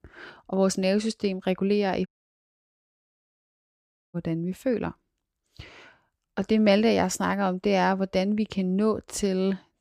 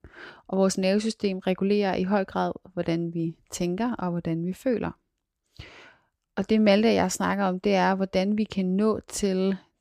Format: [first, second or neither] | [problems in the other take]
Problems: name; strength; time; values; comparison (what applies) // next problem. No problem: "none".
second | audio cutting out; at 2 s for 2 s